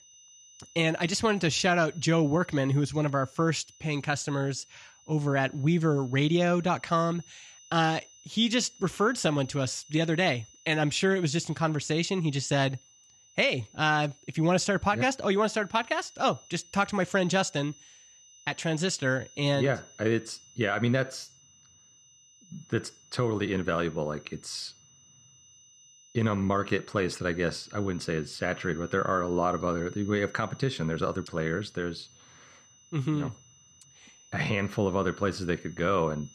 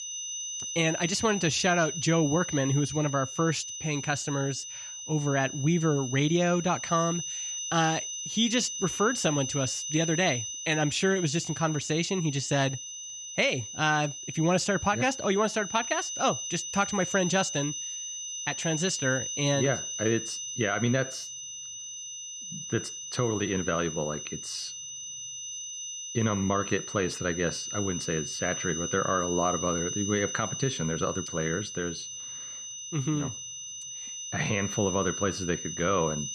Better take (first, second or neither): first